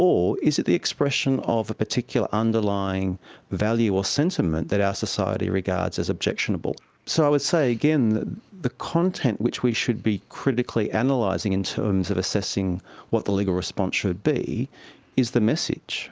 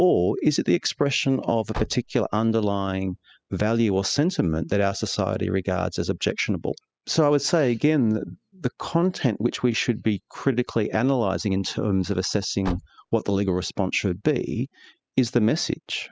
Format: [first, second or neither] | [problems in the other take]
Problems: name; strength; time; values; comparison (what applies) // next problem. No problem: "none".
first | noise reduction (classical method spectral subtraction)